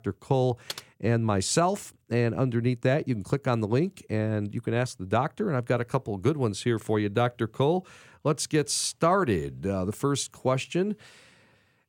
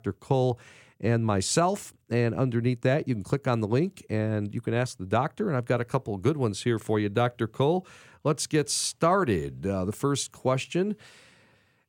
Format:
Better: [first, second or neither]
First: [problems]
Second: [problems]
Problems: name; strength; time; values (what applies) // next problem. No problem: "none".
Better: second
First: keyboard typing; faint; at 0.5 s; peak 10 dB below the speech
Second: none